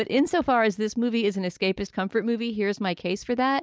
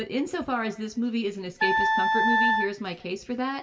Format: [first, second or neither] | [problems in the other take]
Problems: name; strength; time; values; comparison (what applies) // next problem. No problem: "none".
first | background sound (Wind instrument, woodwind instrument); 5 dB above the speech // room echo; dies away in 0.8 s